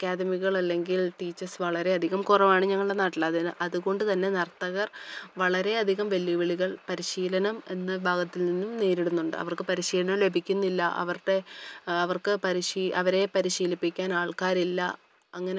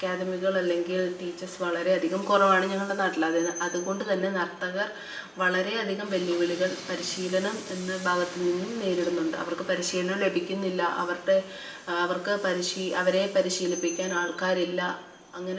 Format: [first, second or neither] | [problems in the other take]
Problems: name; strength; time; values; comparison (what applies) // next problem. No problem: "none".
first | background sound (Train); 17 dB below the speech // room echo; dies away in 0.8 s